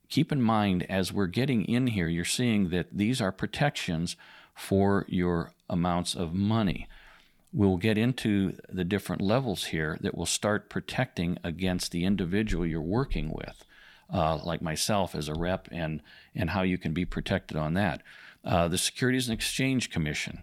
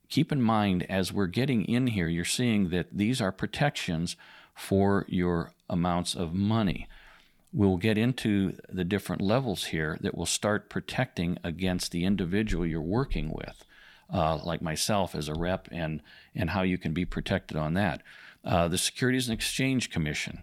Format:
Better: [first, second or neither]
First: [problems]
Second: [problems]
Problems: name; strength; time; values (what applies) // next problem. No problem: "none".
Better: neither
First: none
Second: none